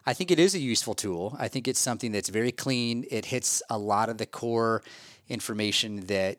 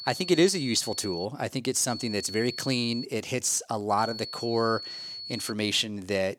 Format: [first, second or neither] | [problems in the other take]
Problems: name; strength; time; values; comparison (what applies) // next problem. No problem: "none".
first | high-pitched whine; loud; until 1.5 s, from 2 to 3 s and from 4 to 5.5 s; 4.5 kHz, 10 dB below the speech